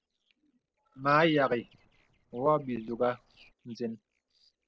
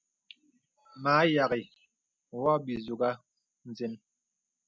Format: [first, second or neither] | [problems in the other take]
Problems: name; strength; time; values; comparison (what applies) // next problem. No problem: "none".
second | noise reduction (neural separator model SepFormer DNS4)